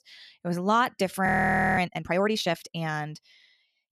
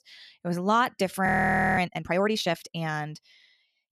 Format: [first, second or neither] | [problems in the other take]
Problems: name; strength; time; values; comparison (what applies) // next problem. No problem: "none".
neither | audio freezing; at 1.5 s for 0.5 s; the same in both